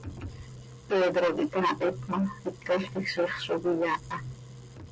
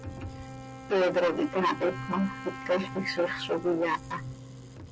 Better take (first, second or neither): first